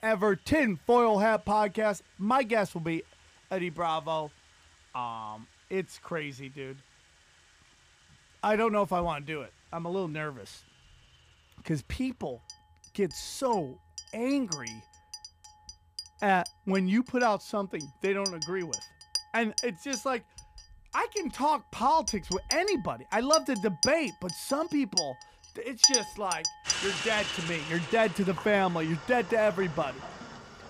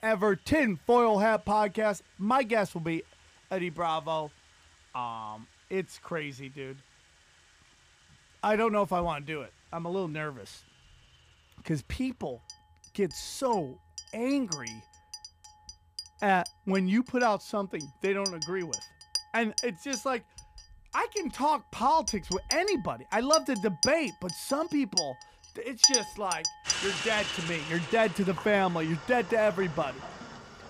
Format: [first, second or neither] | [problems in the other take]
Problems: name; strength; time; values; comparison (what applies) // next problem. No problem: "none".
neither | household noises; loud; throughout; 3 dB below the speech; the same in both